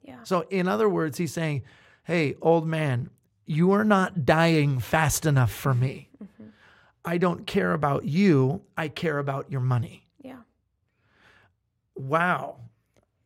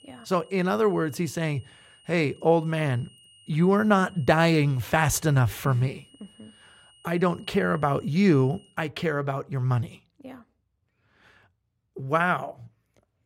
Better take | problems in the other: first | high-pitched whine; faint; until 8.5 s; 3 kHz, 30 dB below the speech

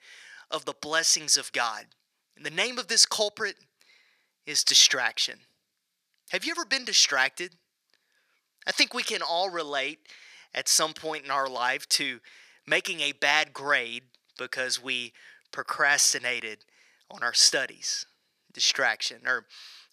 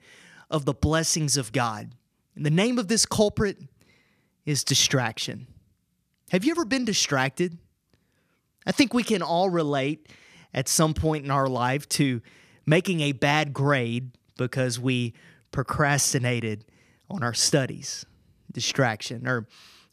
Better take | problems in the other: second | thin; very; fading below 600 Hz

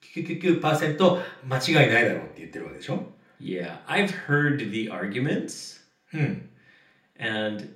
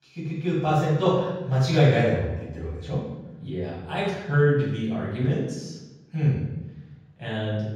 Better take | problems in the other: first | room echo; strong; dies away in 1.3 s; slight in the first // off-mic speech; far; somewhat distant in the first

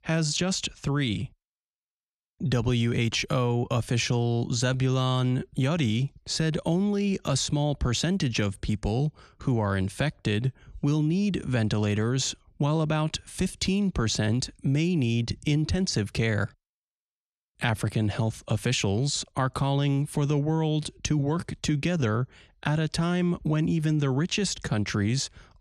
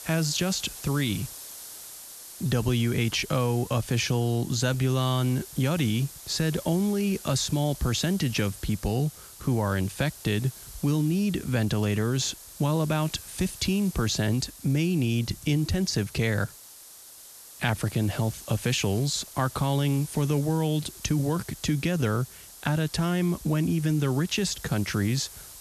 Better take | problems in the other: first | hiss; noticeable; throughout; 15 dB below the speech

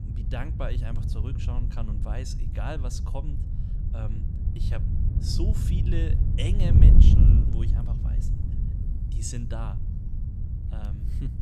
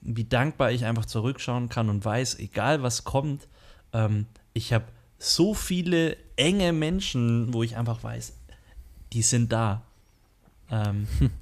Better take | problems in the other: second | wind noise on the microphone; heavy; 1 dB below the speech

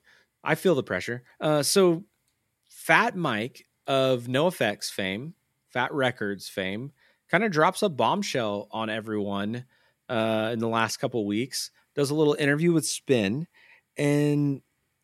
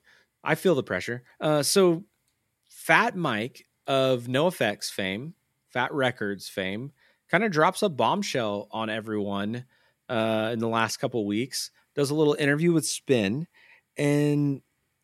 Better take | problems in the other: neither | none

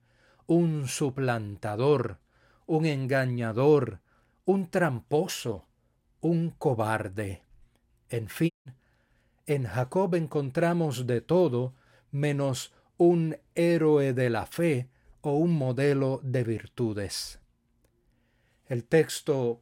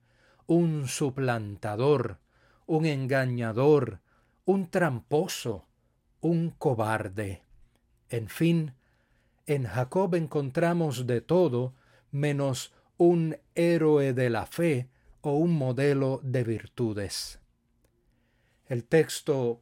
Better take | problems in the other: second | audio cutting out; at 8.5 s

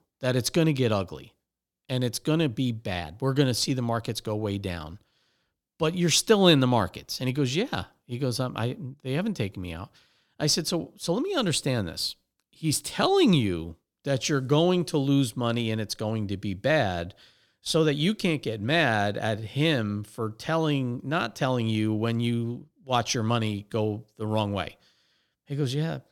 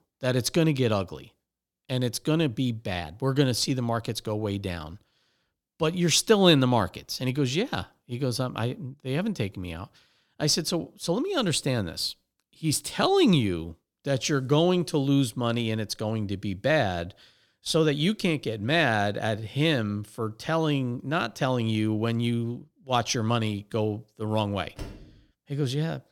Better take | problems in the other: first | door banging; faint; at 25 s; peak 15 dB below the speech

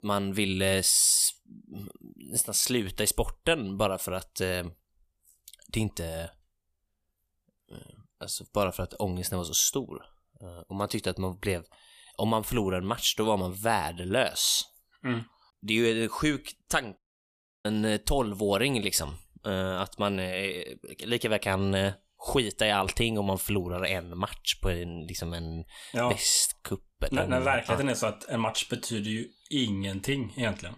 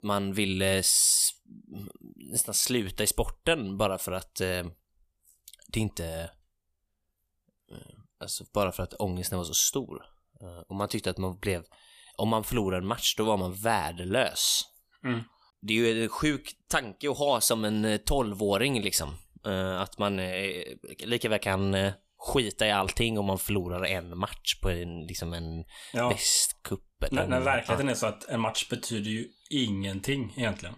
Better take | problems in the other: second | audio cutting out; at 17 s for 0.5 s

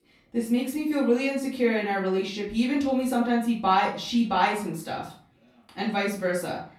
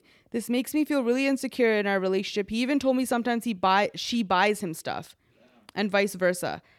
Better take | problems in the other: second | off-mic speech; far // room echo; slight; dies away in 0.4 s

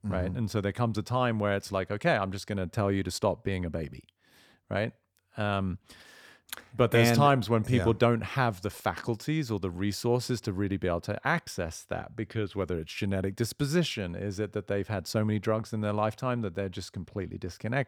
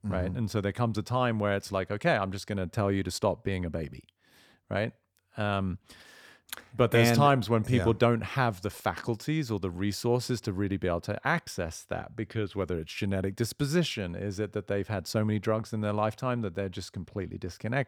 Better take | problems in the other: neither | none

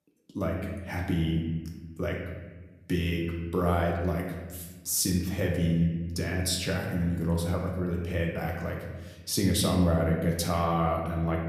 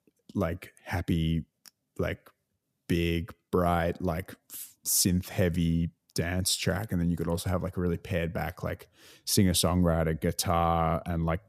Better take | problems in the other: second | room echo; noticeable; dies away in 1.2 s // off-mic speech; somewhat distant

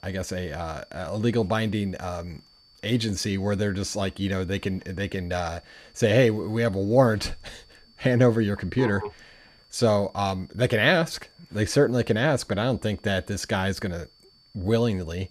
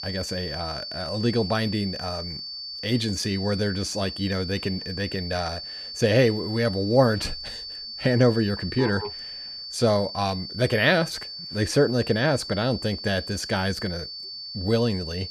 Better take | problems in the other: first | high-pitched whine; loud; throughout; 4.5 kHz, 8 dB below the speech; faint in the first

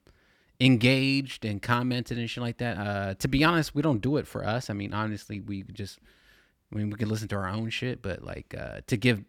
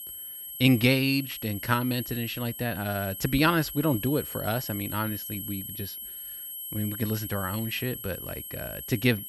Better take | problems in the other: first | high-pitched whine; loud; throughout; 11.5 kHz, 8 dB below the speech

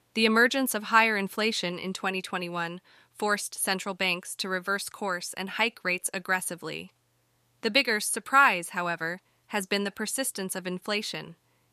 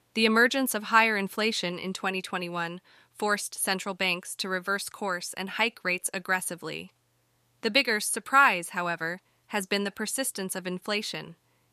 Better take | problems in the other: neither | none

